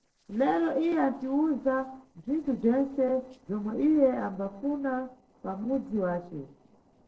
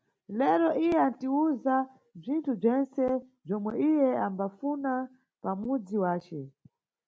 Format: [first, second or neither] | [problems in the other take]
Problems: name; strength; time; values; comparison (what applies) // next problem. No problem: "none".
second | noise reduction (neural separator model SepFormer DNS4)